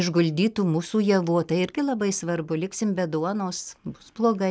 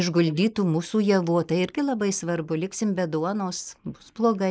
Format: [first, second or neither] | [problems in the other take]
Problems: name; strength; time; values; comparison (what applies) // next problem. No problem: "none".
first | noise reduction (neural mask model Resemble Enhance denoiser)